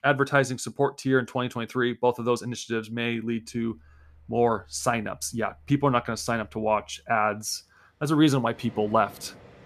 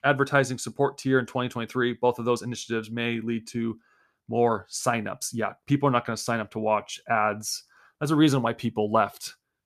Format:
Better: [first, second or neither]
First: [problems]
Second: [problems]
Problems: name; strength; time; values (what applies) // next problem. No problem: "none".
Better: second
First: machinery noise; faint; from 3.5 s on; 25 dB below the speech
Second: none